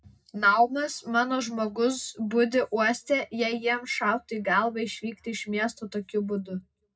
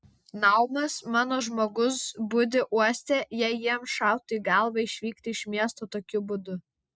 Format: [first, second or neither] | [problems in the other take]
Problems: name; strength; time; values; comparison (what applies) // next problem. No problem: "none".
second | room echo; dies away in 0.2 s